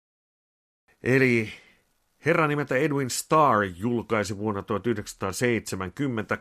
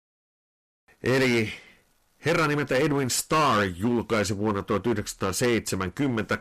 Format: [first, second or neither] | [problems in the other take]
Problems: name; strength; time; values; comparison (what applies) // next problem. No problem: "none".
first | distortion; heavy; 12% of the sound clipped